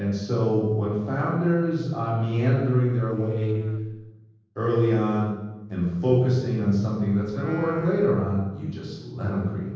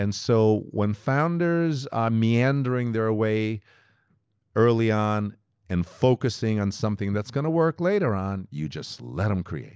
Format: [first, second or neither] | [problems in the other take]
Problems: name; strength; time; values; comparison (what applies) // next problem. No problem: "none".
second | noise reduction (neural separator model SepFormer DNS4)